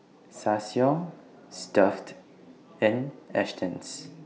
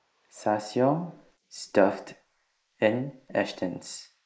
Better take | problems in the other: first | noise reduction (neural mask model Resemble Enhance denoiser)

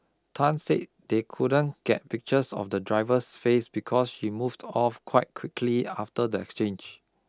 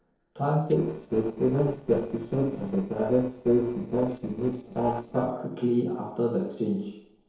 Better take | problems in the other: first | noise reduction (neural separator model SepFormer DNS4)

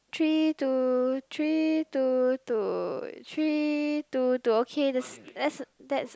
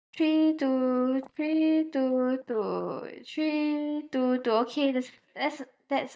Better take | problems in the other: first | noise reduction (neural mask model DeepFilterNet 3)

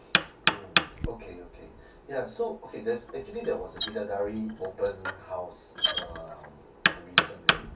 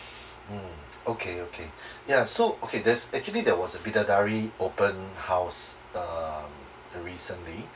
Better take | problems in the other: second | background sound (Knock); 4 dB above the speech // room echo; dies away in 0.3 s

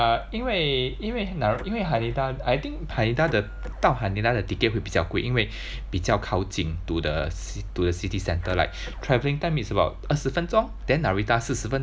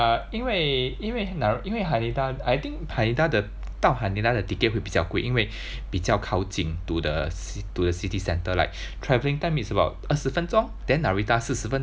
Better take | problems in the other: second | background sound (Printer); 19 dB below the speech

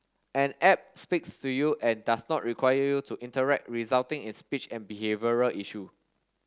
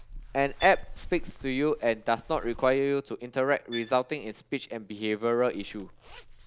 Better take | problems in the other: first | background sound (Zipper (clothing) + Bowed string instrument); 14 dB below the speech

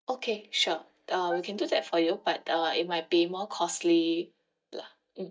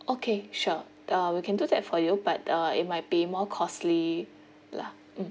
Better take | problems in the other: second | noise reduction (neural mask model DeepFilterNet 3)

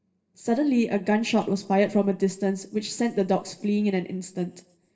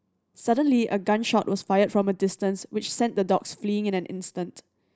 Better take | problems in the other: second | room echo; dies away in 0.6 s

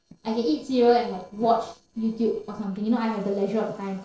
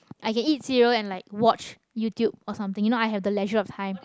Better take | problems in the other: second | noise reduction (neural separator model SepFormer DNS4)

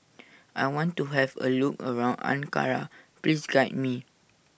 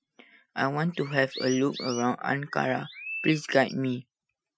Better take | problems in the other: first | noise reduction (classical method Wiener filter)

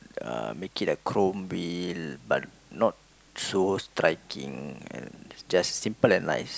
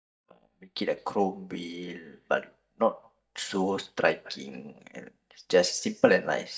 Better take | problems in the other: first | noise reduction (neural mask model DeepFilterNet 3)

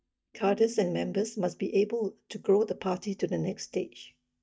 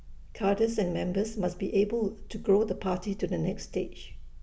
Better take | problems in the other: second | noise reduction (neural mask model DeepFilterNet 3)

